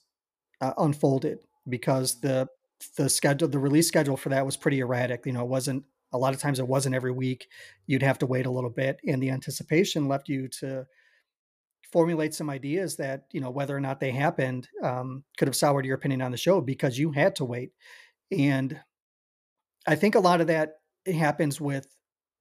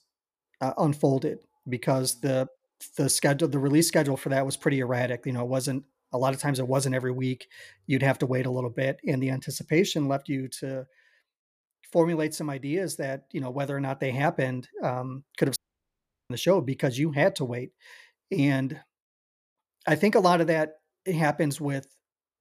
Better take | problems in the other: first | audio cutting out; at 16 s for 0.5 s

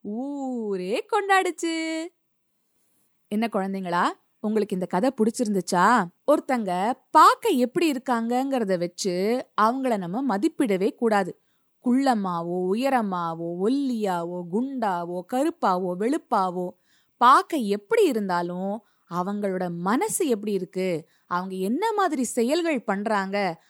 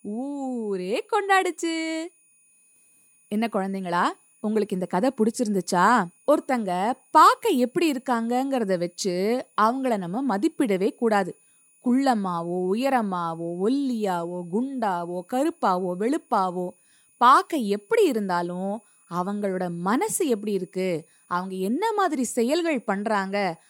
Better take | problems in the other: first | high-pitched whine; faint; throughout; 9.5 kHz, 35 dB below the speech

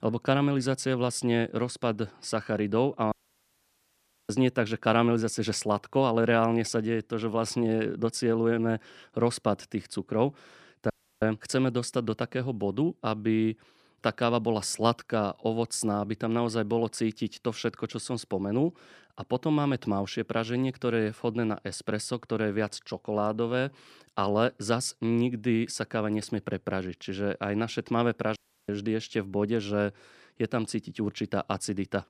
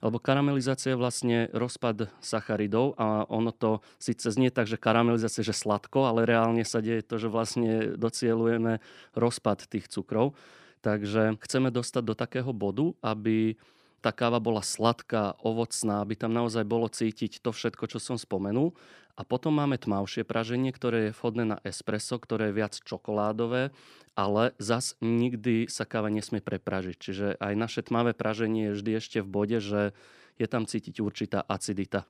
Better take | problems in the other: second | audio cutting out; at 3 s for 1 s, at 11 s and at 28 s

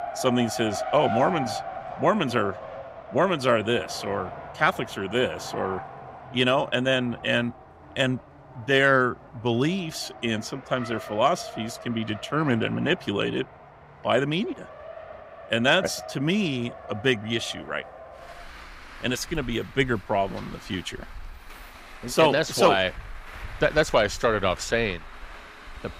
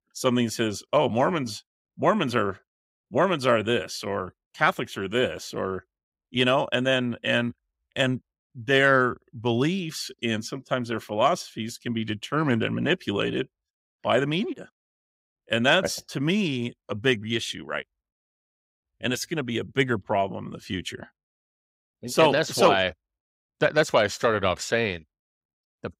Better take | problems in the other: second | traffic noise; noticeable; throughout; 15 dB below the speech

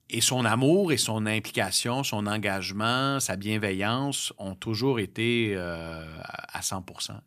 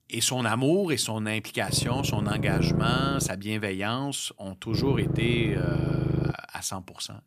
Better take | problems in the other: first | low rumble; loud; from 1.5 to 3.5 s and from 4.5 to 6.5 s; 6 dB below the speech

